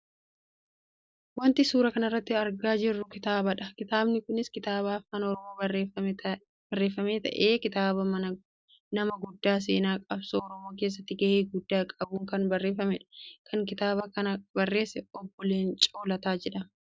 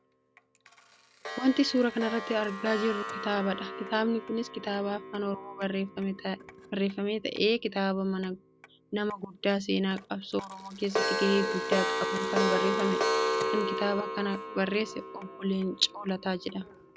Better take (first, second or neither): first